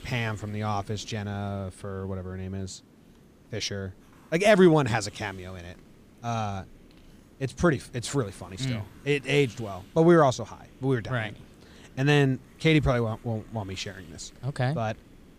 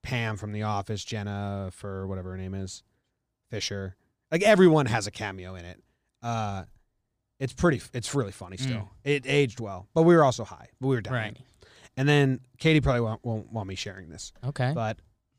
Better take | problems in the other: second | hiss; faint; throughout; 25 dB below the speech

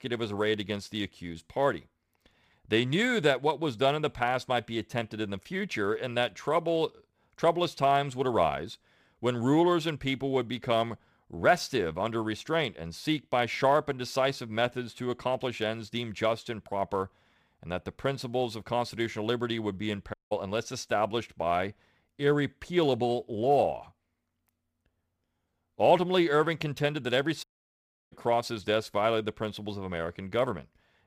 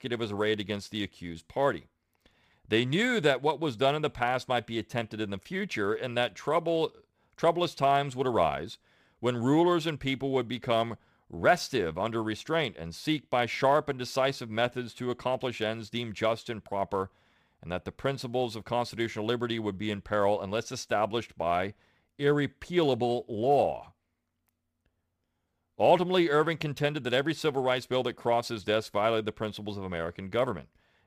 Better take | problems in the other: second | audio cutting out; at 20 s and at 27 s for 0.5 s

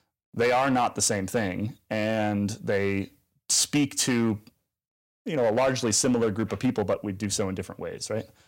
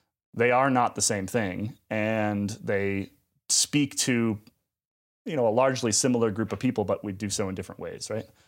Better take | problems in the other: second | distortion; slight; 5% of the sound clipped

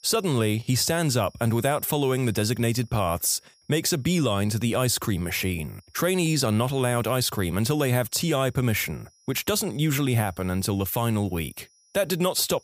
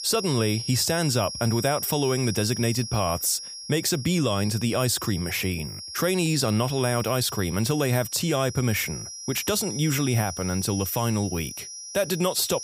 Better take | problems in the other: first | high-pitched whine; loud; throughout; 5.5 kHz, 9 dB below the speech; faint in the first

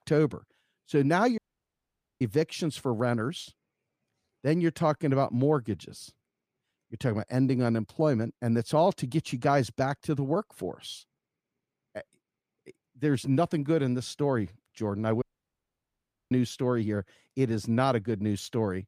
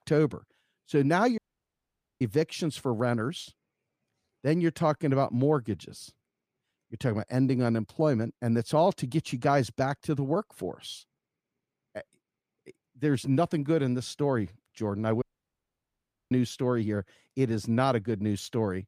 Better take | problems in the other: neither | audio cutting out; at 1.5 s for 1 s and at 15 s for 1 s; the same in both

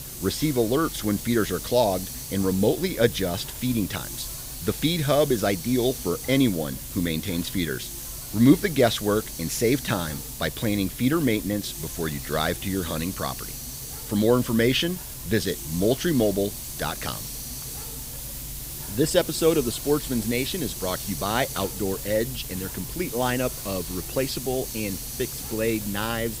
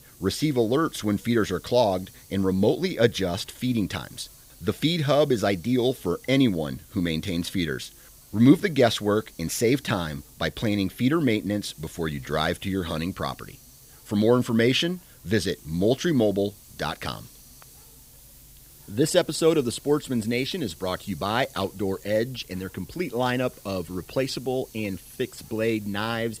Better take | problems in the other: second | hiss; loud; throughout; 8 dB below the speech; faint in the second

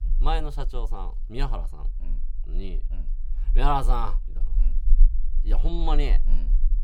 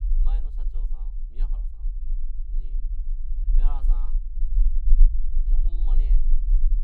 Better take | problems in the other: first | low rumble; loud; throughout; 3 dB below the speech; faint in the first

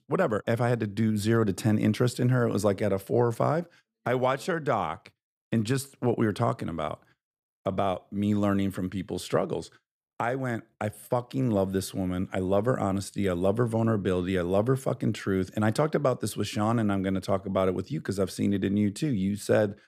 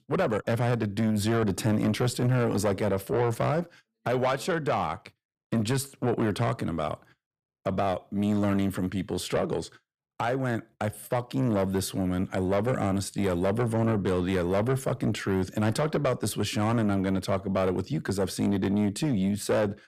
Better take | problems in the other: first | distortion; slight; 10 dB below the speech

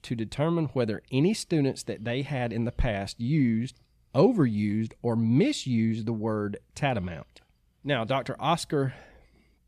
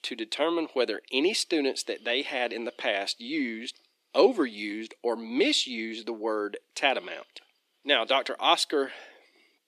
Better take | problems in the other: first | thin; somewhat; fading below 300 Hz

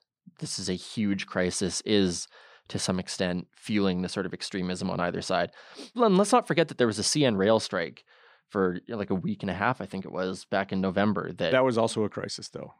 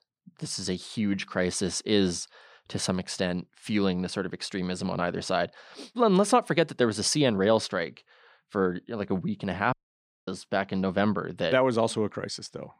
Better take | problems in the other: first | audio cutting out; at 9.5 s for 0.5 s

